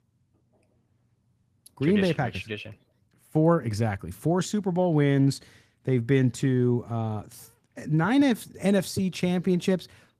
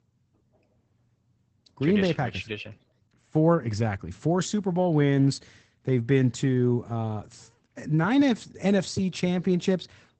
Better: first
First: garbled, watery; slightly; nothing above 14.5 kHz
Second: garbled, watery; badly; nothing above 8 kHz

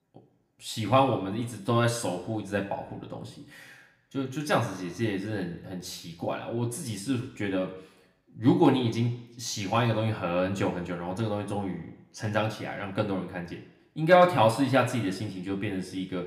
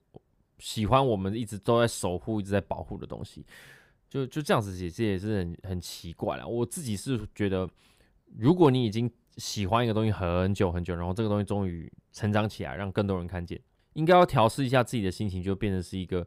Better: second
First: room echo; slight; dies away in 0.6 s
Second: none

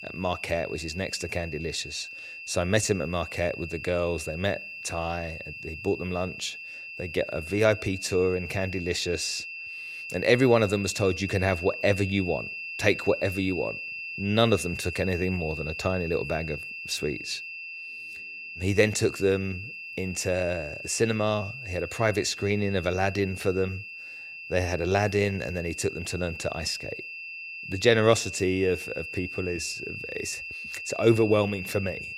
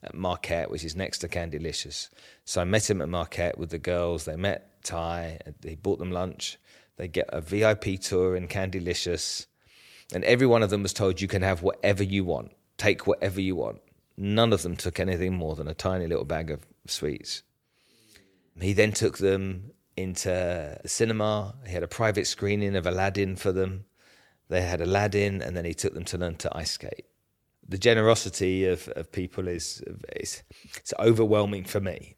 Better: second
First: high-pitched whine; loud; throughout; 2.5 kHz, 9 dB below the speech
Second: none

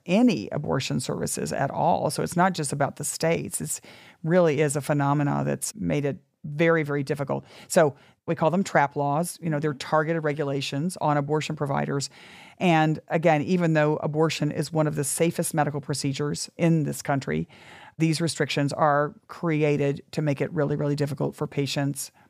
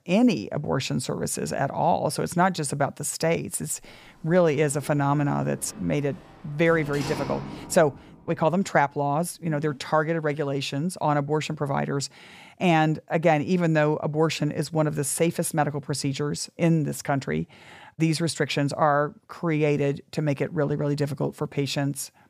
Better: first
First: none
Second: door banging; noticeable; from 4 to 8 s; peak 7 dB below the speech

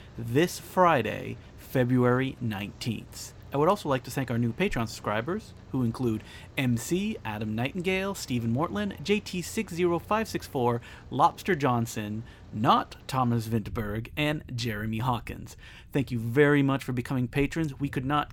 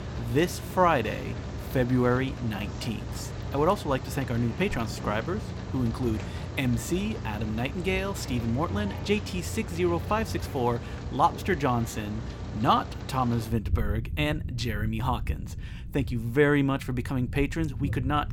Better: first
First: rain or running water; faint; throughout; 20 dB below the speech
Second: rain or running water; loud; throughout; 7 dB below the speech

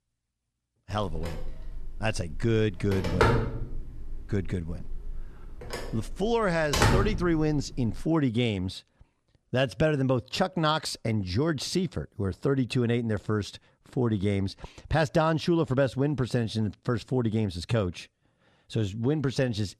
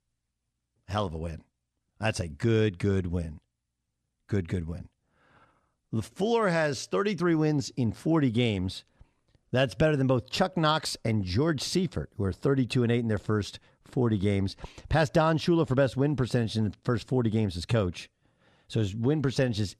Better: second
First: phone ringing; loud; from 1 to 8 s; peak 4 dB above the speech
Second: none

